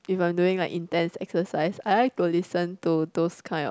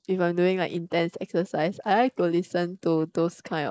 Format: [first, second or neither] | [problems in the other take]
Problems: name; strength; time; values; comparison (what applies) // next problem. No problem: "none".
first | noise reduction (neural mask model Resemble Enhance denoiser)